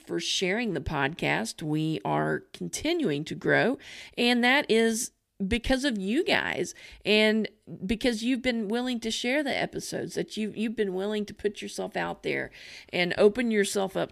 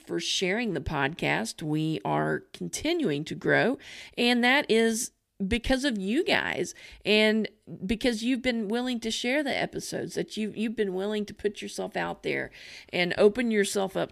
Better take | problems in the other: neither | none

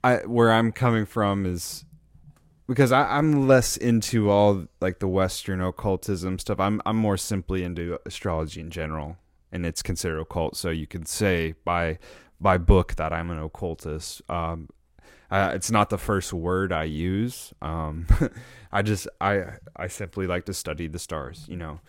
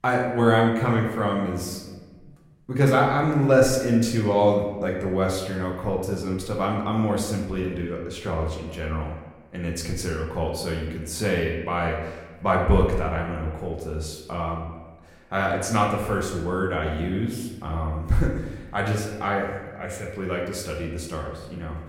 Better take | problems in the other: first | room echo; noticeable; dies away in 1 s // off-mic speech; somewhat distant

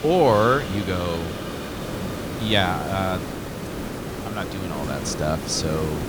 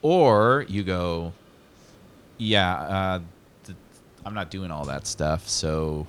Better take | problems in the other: second | hiss; loud; throughout; 7 dB below the speech; faint in the second

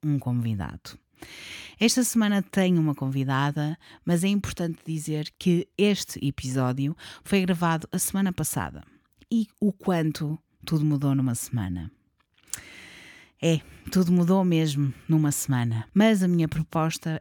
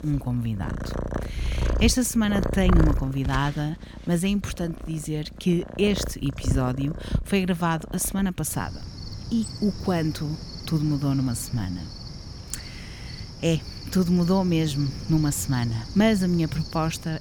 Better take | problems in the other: first | animal sounds; loud; throughout; 8 dB below the speech

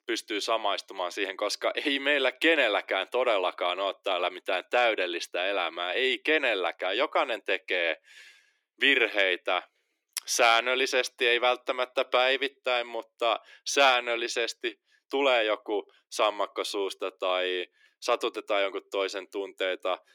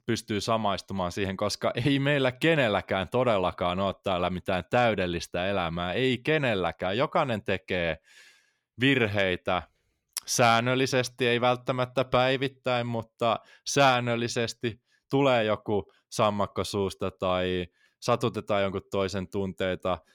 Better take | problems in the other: second | thin; somewhat; fading below 300 Hz

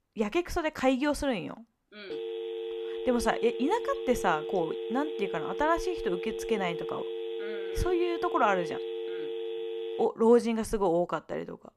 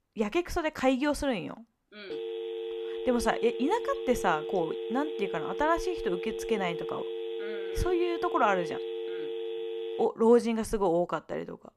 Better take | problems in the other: neither | phone ringing; noticeable; from 2 to 10 s; peak 6 dB below the speech; the same in both

